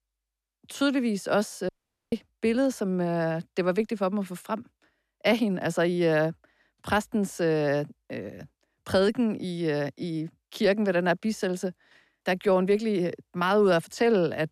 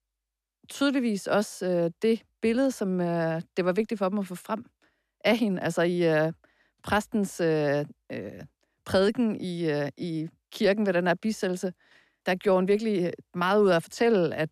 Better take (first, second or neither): second